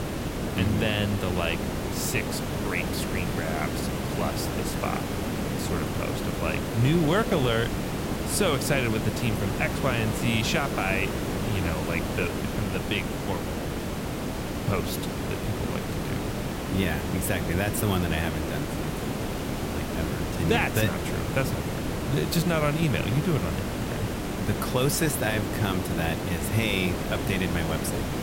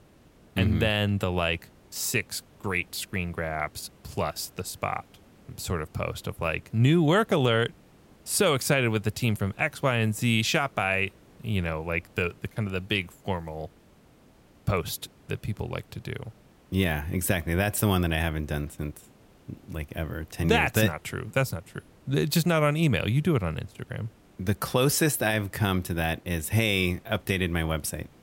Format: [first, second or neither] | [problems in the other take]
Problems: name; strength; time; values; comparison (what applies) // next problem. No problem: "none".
second | hiss; loud; throughout; 1 dB below the speech; faint in the second